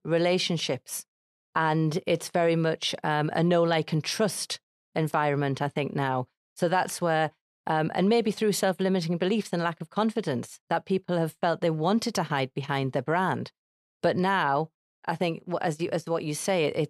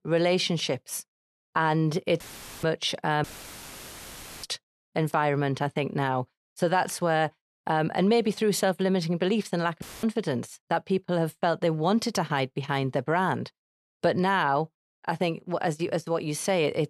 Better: first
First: none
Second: audio cutting out; filled with static; at 2 s, at 3 s for 1 s and at 10 s

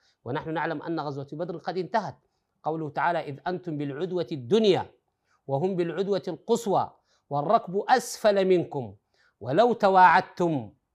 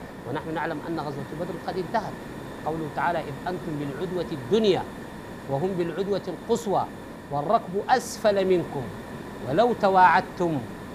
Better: first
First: none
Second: hiss; noticeable; throughout; 10 dB below the speech

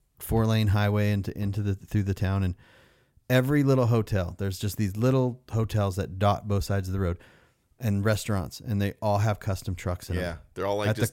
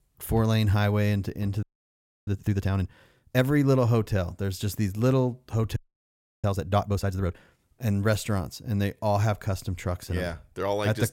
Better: first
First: none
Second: audio freezing; at 1.5 s for 0.5 s and at 6 s for 0.5 s

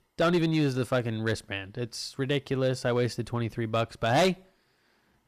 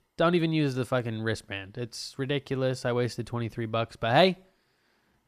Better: second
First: distortion; slight; 4% of the sound clipped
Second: none

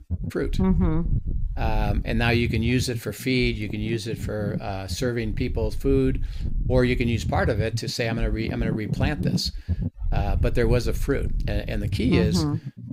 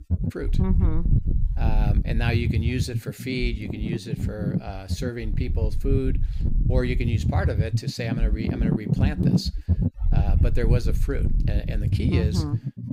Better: first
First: wind noise on the microphone; occasional gusts; 15 dB below the speech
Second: wind noise on the microphone; heavy; 4 dB below the speech

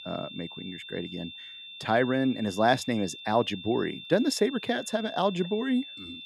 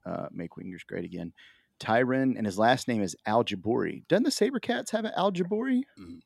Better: second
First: high-pitched whine; noticeable; throughout; 3.5 kHz, 15 dB below the speech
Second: none

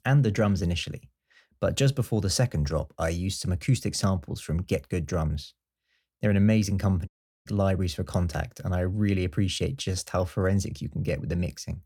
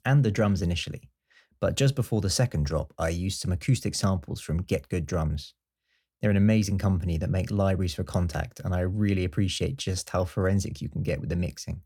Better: second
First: audio cutting out; at 7 s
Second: none

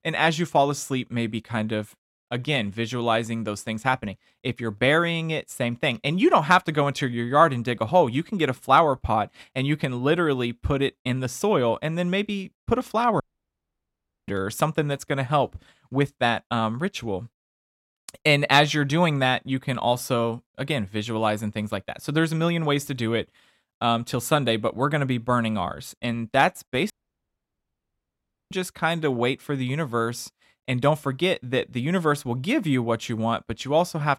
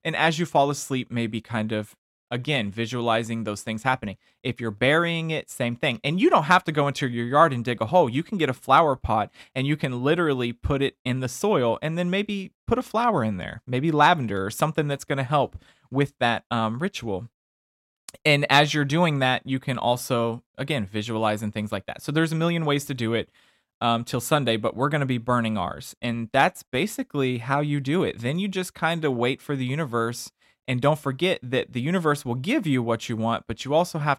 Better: second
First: audio cutting out; at 13 s for 1 s and at 27 s for 1.5 s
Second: none

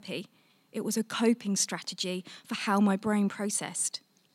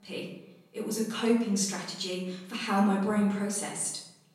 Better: first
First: none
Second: room echo; noticeable; dies away in 0.7 s // off-mic speech; far

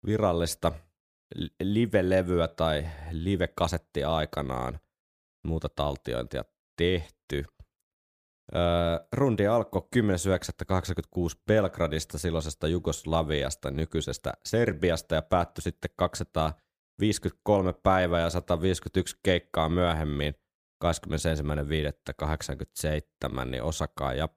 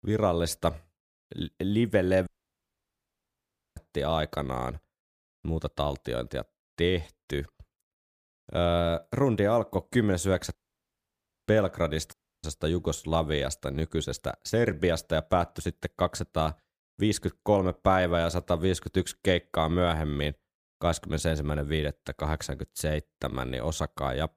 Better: first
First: none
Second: audio cutting out; at 2.5 s for 1.5 s, at 11 s for 1 s and at 12 s

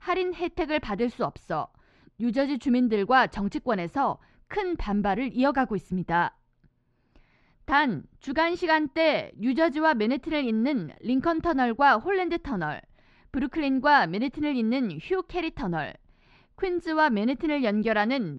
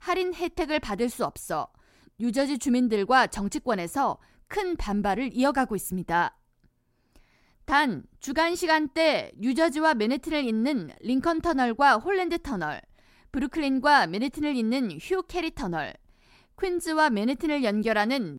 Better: second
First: muffled; very slightly; fading above 4 kHz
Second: none

